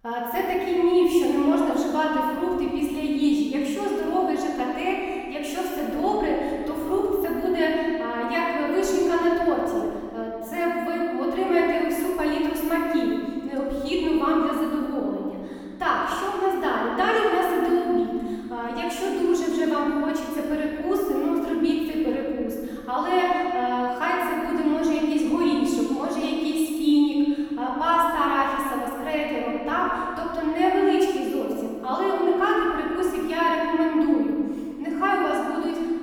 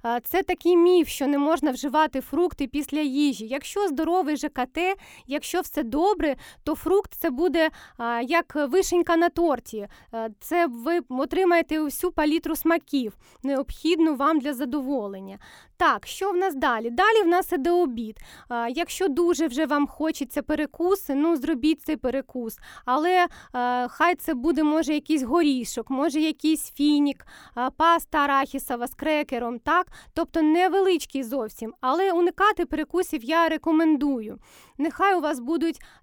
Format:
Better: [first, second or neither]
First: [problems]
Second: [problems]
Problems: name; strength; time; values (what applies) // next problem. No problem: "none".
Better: second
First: room echo; strong; dies away in 2 s // off-mic speech; far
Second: none